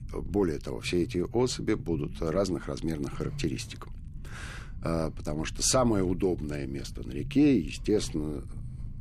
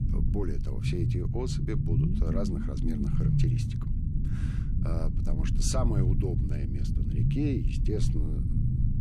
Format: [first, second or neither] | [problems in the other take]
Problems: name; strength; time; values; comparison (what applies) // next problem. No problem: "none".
first | low rumble; loud; throughout; 2 dB below the speech; faint in the first